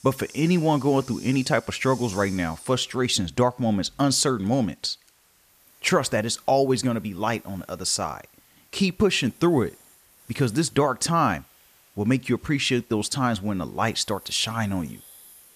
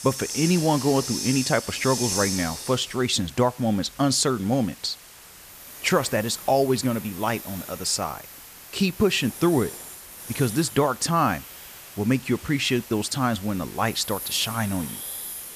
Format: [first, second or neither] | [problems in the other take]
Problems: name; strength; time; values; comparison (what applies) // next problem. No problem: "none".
first | hiss; loud; throughout; 9 dB below the speech; faint in the first